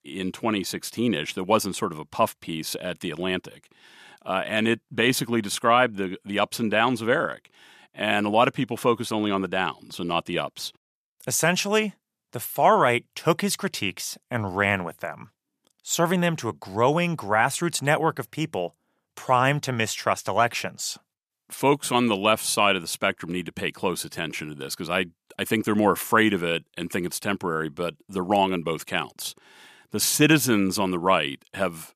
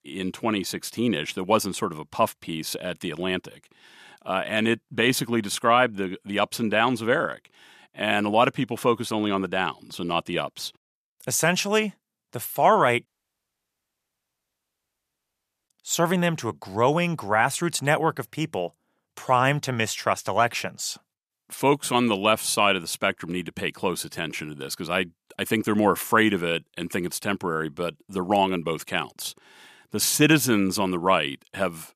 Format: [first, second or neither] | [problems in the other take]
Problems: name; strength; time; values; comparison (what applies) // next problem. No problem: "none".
first | audio cutting out; at 13 s for 2.5 s